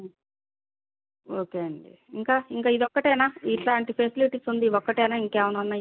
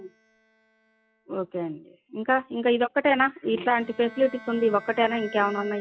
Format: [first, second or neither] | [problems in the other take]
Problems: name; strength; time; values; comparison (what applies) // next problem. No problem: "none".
first | noise reduction (classical method log-MMSE)